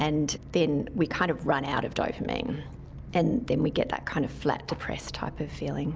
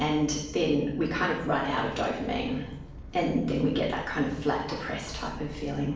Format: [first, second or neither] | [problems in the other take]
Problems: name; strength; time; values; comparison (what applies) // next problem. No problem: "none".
first | room echo; dies away in 0.7 s